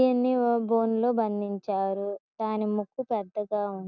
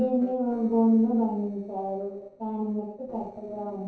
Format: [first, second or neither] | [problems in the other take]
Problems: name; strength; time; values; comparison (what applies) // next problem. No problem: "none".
first | noise reduction (neural separator model SepFormer DNS4)